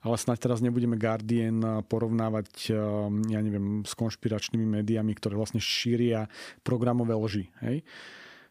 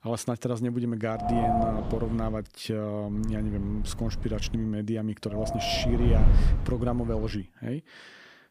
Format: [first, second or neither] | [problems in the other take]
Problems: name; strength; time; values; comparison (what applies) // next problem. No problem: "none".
first | wind noise on the microphone; heavy; from 1 to 2.5 s, from 3 to 4.5 s and from 5.5 to 7.5 s; 3 dB above the speech